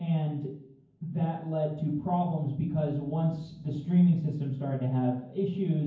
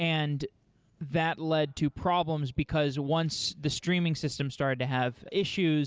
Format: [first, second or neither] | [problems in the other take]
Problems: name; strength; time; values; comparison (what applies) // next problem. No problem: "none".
second | room echo; dies away in 0.9 s